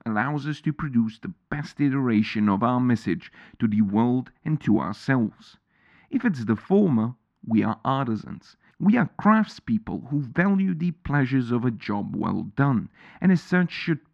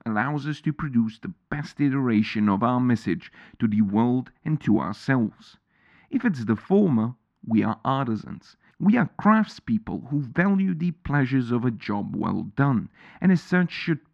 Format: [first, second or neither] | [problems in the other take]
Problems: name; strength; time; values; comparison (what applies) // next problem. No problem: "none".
neither | muffled; very; fading above 2.5 kHz; the same in both